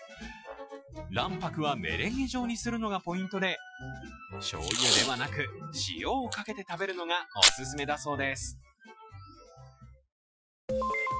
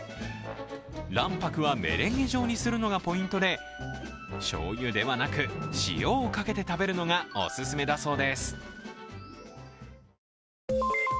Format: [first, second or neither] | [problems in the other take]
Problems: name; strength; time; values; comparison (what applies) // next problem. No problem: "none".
second | noise reduction (classical method Wiener filter)